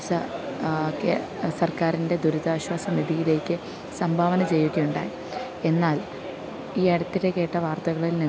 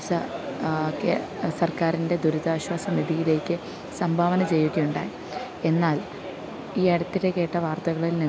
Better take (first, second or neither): second